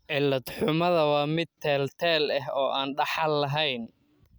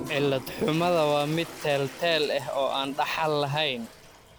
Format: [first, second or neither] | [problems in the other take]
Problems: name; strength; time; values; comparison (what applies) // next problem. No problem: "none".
first | background sound (Toilet flush); 15 dB below the speech